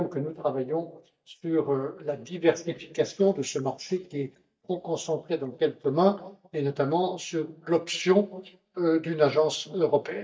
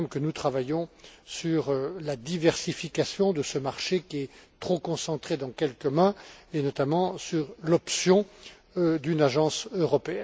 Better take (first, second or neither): second